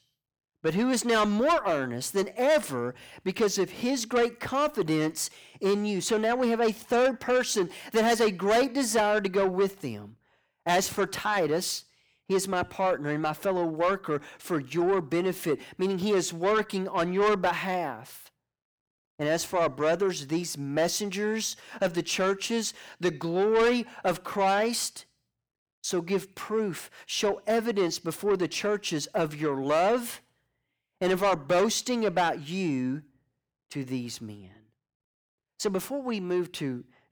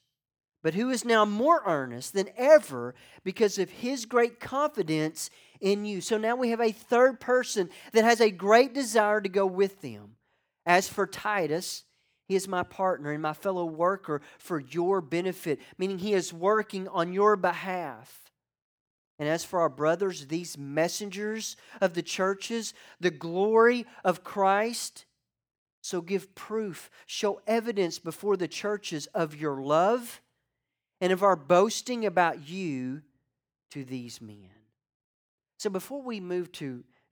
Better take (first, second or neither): second